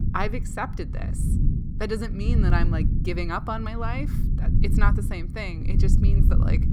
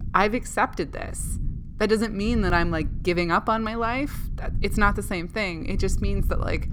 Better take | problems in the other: second | low rumble; loud; throughout; 7 dB below the speech; faint in the second

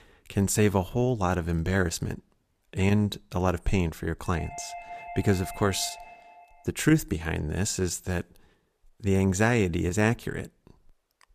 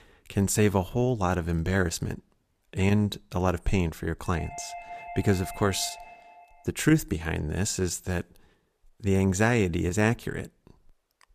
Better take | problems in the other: neither | doorbell; faint; from 4 to 6.5 s; peak 15 dB below the speech; the same in both

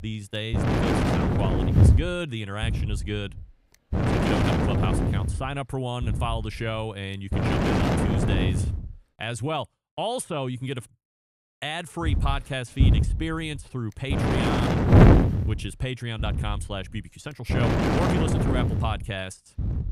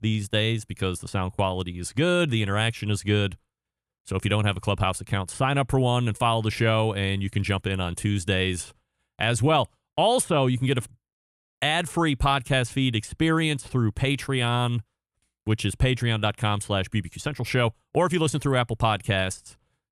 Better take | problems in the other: second | wind noise on the microphone; heavy; until 9 s and from 12 s on; 5 dB above the speech

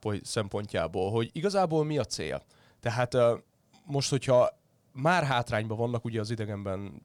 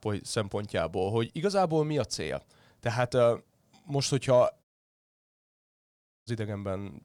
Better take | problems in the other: first | audio cutting out; at 4.5 s for 1.5 s

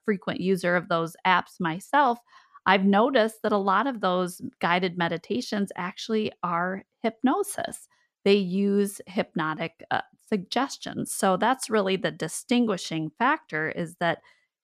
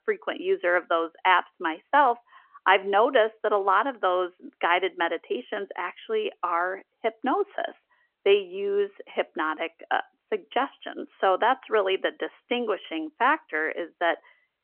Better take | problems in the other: first | phone-call audio; nothing above 3 kHz

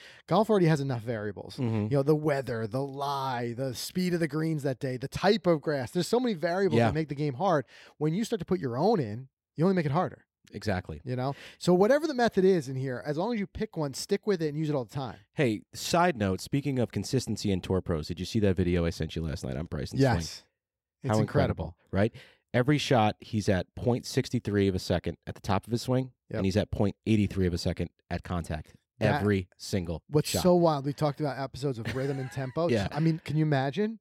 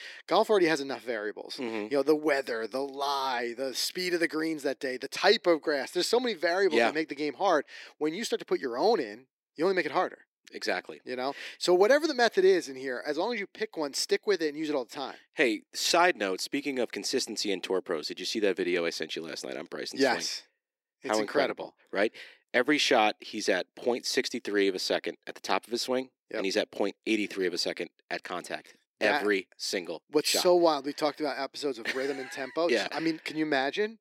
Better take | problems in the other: first | thin; somewhat; fading below 300 Hz

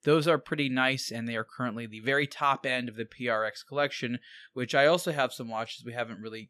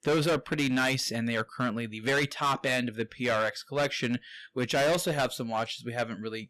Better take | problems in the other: first | distortion; heavy; 12% of the sound clipped

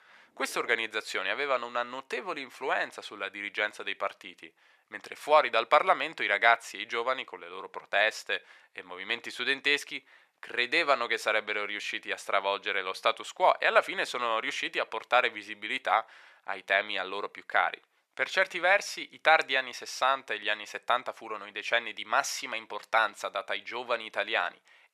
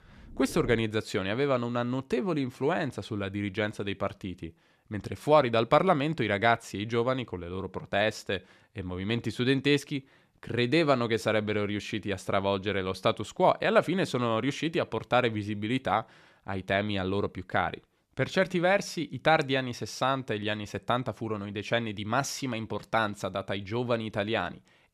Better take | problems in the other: second | thin; very; fading below 750 Hz

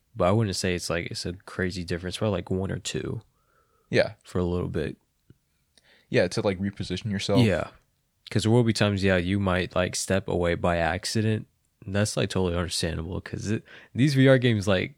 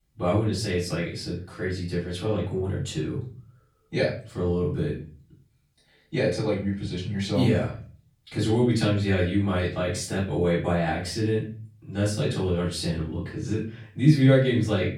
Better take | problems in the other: first | off-mic speech; far // room echo; slight; dies away in 0.4 s

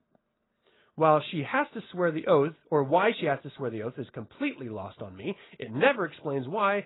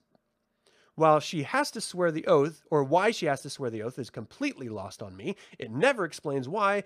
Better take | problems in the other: second | garbled, watery; badly; nothing above 4 kHz

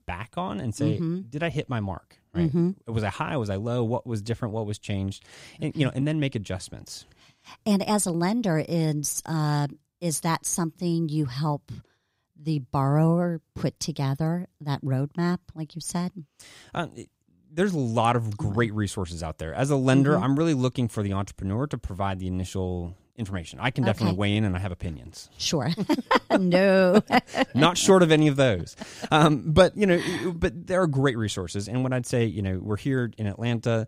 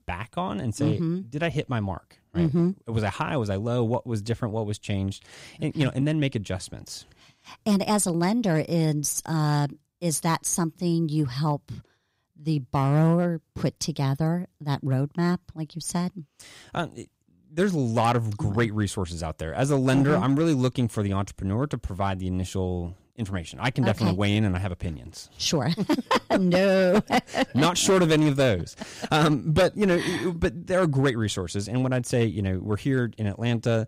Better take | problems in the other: first | distortion; slight; 3% of the sound clipped

